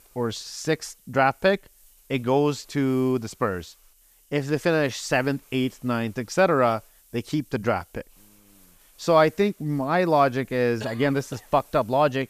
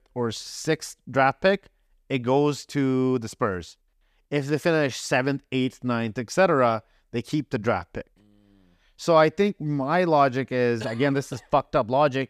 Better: second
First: hiss; faint; throughout; 30 dB below the speech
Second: none

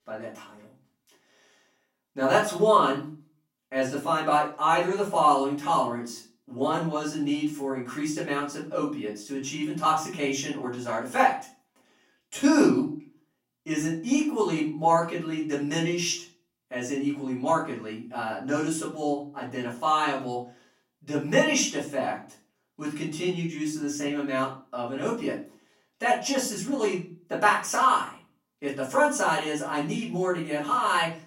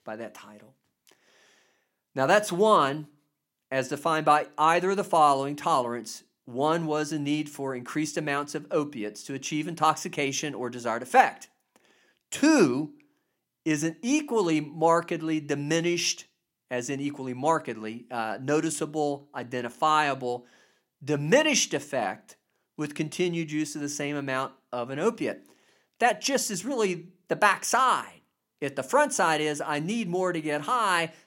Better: second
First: off-mic speech; far // room echo; slight; dies away in 0.3 s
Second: none

